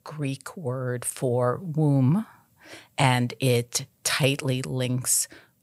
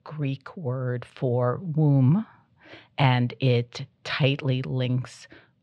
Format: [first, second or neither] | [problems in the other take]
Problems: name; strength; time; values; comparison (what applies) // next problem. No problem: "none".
first | muffled; slightly; fading above 3.5 kHz